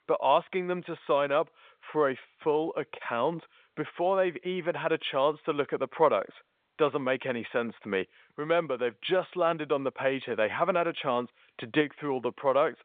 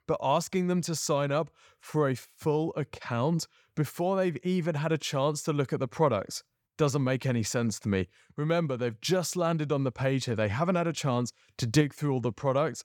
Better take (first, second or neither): second